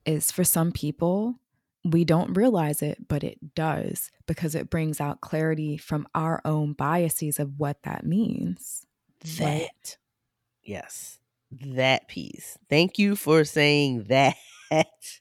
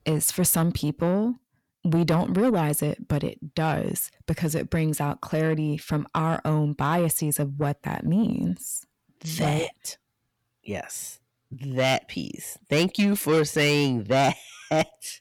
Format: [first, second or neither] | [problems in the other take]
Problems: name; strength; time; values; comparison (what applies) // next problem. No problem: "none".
first | distortion; slight; 10 dB below the speech